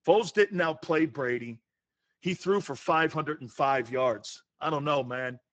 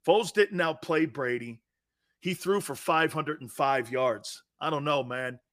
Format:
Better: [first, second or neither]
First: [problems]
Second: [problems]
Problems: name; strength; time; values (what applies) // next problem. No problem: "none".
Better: second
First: garbled, watery; badly; nothing above 7.5 kHz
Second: none